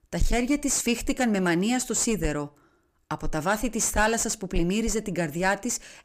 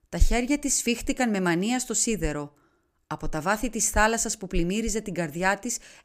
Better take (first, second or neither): second